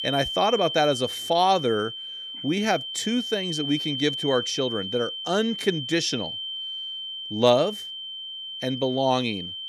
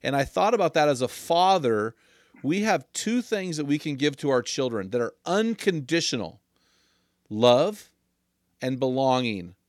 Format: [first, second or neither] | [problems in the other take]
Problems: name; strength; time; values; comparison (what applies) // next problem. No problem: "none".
second | high-pitched whine; loud; throughout; 3 kHz, 6 dB below the speech